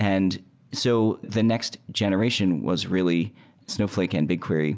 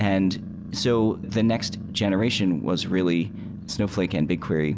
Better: first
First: none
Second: background sound (Growling); 12 dB below the speech

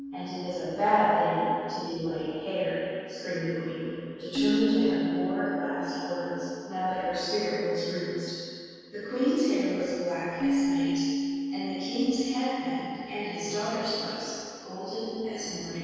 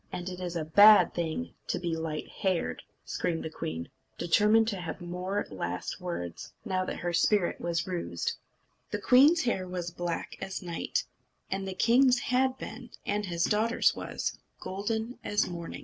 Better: second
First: background sound (Keyboard (musical)); 5 dB below the speech // room echo; dies away in 2.2 s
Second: none

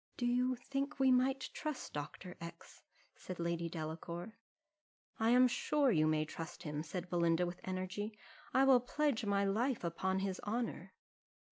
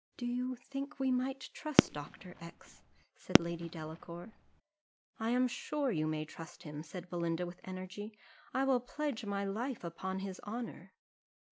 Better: first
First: none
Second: background sound (Fireworks); 4 dB above the speech

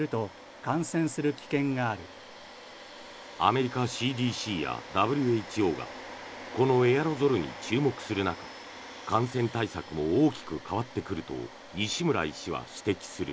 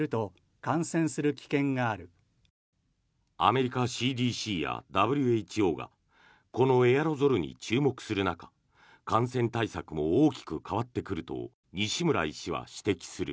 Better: second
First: background sound (Domestic sounds, home sounds); 15 dB below the speech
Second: none

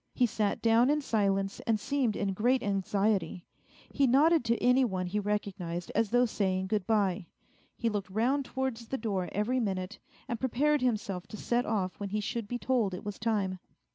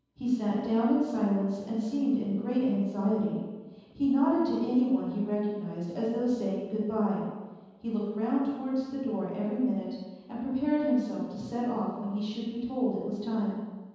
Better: first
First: none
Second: room echo; dies away in 1.2 s

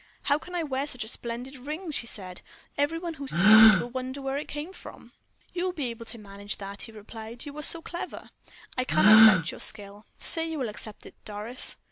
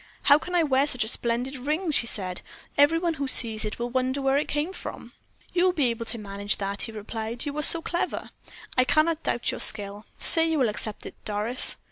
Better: second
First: background sound (Gasp); 4 dB above the speech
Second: none

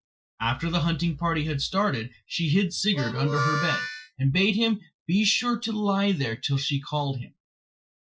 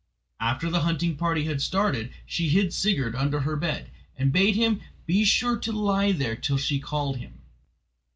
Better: second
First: noise reduction (classical method Wiener filter)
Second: none

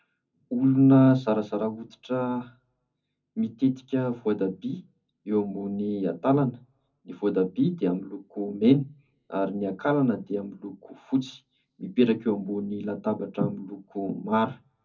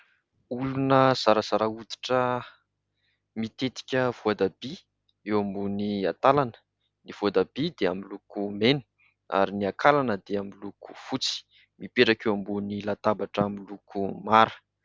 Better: second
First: room echo; dies away in 0.3 s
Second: none

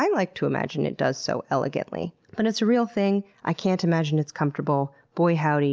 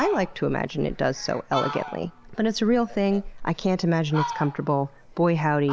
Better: first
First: none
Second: background sound (Fowl); 12 dB below the speech

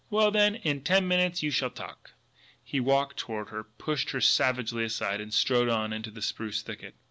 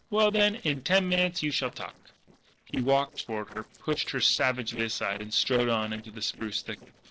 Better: first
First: none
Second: noise reduction (neural separator model SepFormer DNS4)

